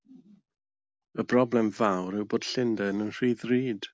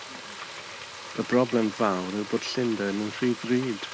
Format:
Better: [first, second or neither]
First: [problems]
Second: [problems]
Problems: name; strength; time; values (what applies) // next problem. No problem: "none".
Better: first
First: none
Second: background sound (Frying (food)); 12 dB below the speech